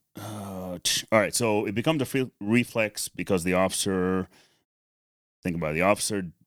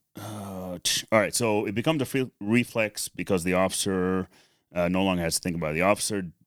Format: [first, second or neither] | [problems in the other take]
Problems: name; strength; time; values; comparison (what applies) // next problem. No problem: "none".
second | audio cutting out; at 4.5 s for 1 s